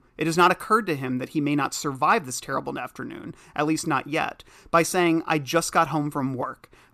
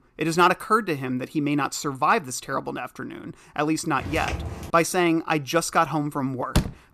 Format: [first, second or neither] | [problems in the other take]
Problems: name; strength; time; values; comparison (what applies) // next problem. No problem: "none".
first | footsteps; noticeable; at 4 s; peak 7 dB below the speech // door banging; noticeable; at 6.5 s; peak 2 dB below the speech